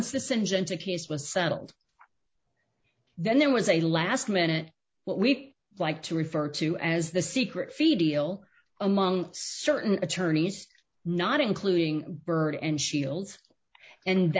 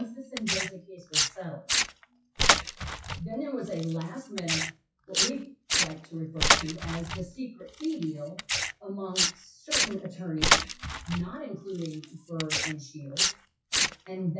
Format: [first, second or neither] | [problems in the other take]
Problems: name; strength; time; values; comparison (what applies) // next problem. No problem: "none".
first | noise reduction (classical method WPE with log-MMSE)